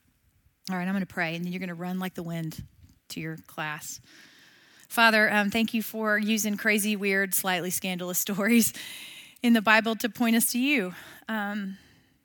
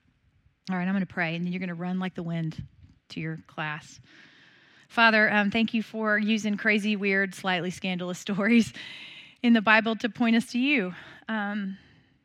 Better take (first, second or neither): first